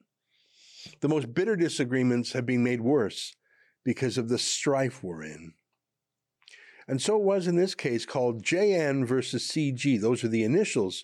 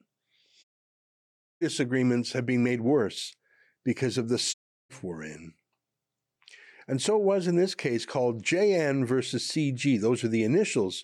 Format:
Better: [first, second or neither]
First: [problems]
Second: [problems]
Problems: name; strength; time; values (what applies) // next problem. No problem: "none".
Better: first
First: none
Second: audio cutting out; at 0.5 s for 1 s and at 4.5 s